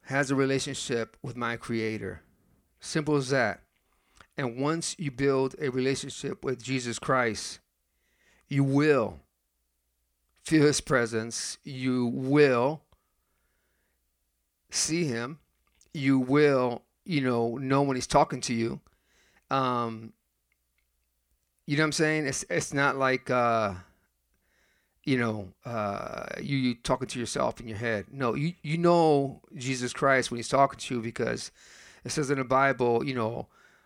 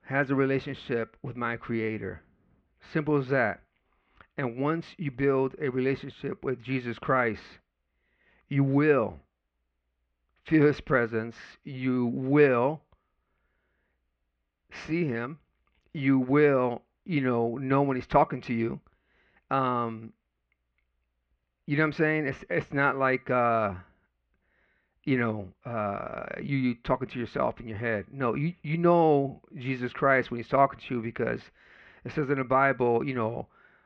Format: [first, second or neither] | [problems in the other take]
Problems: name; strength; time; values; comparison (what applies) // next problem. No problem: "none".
first | muffled; very; fading above 3 kHz